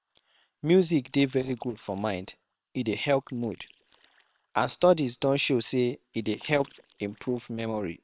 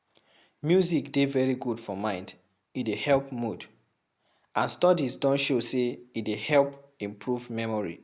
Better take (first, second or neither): second